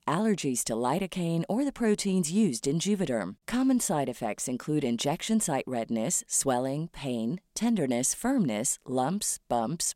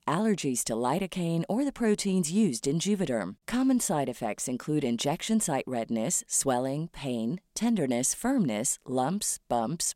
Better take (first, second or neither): neither